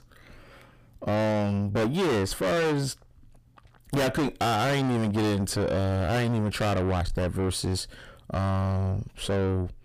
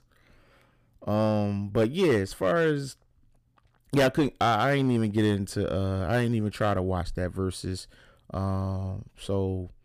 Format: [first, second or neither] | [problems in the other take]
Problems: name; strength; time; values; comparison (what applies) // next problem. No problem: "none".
second | distortion; heavy; 6 dB below the speech